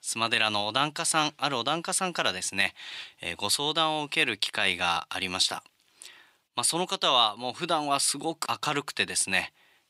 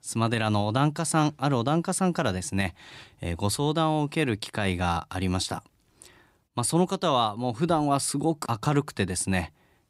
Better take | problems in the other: second | thin; somewhat; fading below 950 Hz

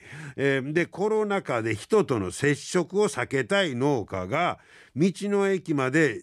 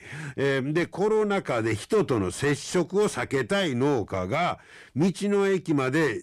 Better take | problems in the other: first | distortion; slight; 10 dB below the speech

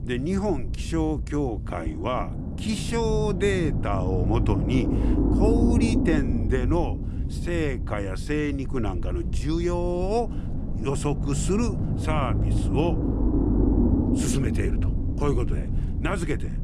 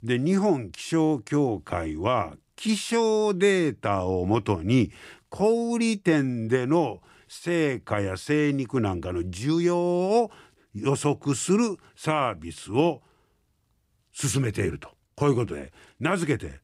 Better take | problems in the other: second | low rumble; loud; throughout; 4 dB below the speech

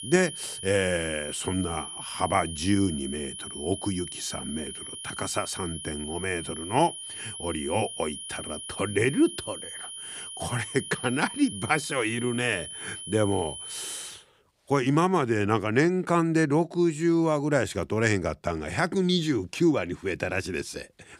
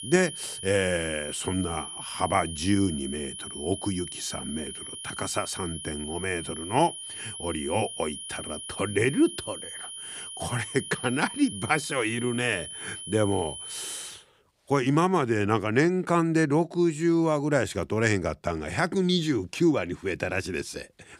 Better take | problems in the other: neither | high-pitched whine; loud; until 14 s; 3 kHz, 9 dB below the speech; the same in both

